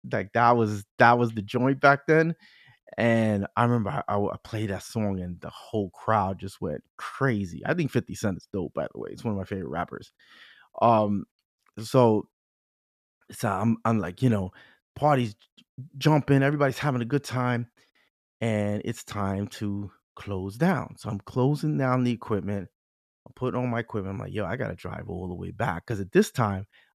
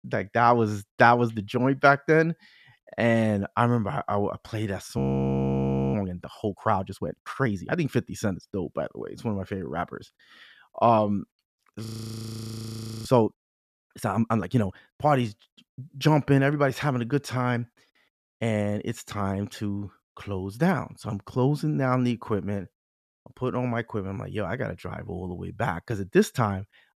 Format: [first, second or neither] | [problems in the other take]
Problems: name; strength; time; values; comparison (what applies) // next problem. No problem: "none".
first | audio freezing; at 5 s for 1 s and at 12 s for 1 s